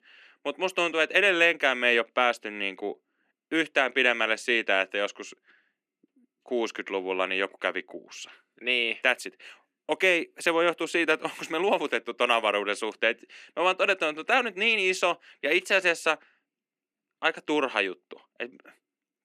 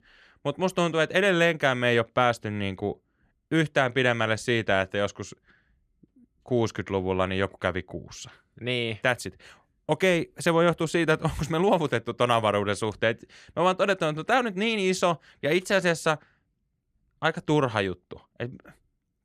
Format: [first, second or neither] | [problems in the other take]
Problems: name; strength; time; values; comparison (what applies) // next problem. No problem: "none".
second | thin; somewhat; fading below 250 Hz